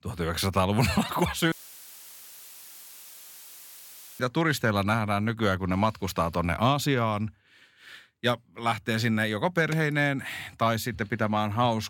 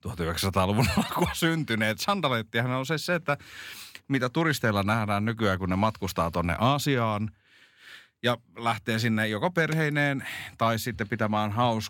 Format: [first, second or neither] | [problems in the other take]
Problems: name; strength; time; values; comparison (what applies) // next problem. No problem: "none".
second | audio cutting out; filled with static; at 1.5 s for 2.5 s